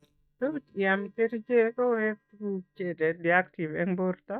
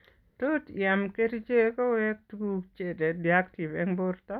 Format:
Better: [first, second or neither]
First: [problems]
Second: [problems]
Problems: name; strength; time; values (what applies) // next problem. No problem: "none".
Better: second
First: noise reduction (neural mask model DeepFilterNet 3)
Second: none